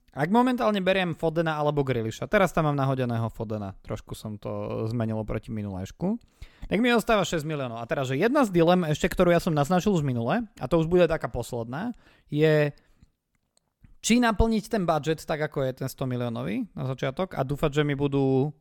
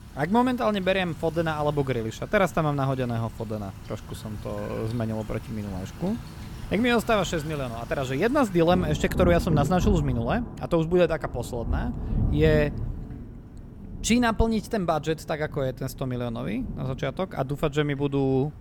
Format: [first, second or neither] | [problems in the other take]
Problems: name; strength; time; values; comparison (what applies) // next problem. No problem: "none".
first | rain or running water; loud; throughout; 9 dB below the speech